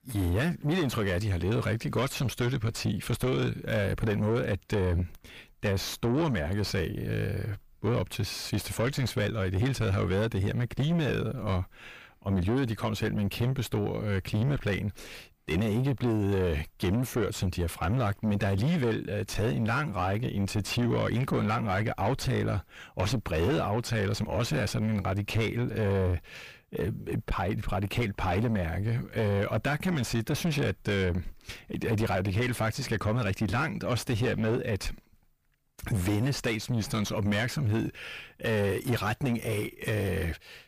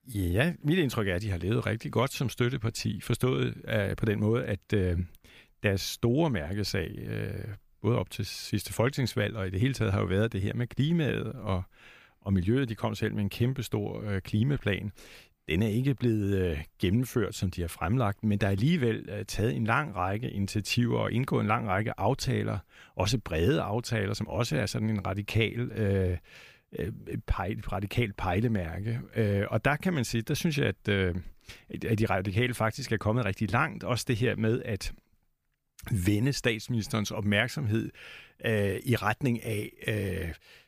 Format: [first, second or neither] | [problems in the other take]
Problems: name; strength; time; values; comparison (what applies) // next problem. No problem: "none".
second | distortion; heavy; 7 dB below the speech